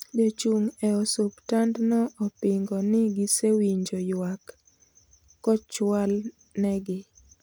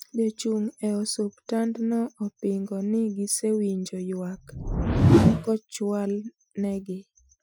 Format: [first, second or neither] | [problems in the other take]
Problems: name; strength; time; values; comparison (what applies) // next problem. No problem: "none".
first | noise reduction (classical method Wiener filter)